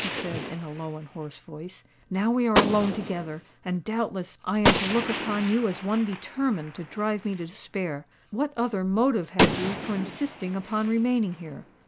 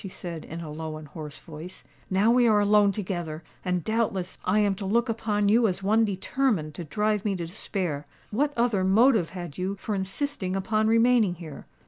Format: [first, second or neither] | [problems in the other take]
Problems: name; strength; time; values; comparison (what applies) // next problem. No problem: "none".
second | background sound (Gunshot, gunfire); 4 dB below the speech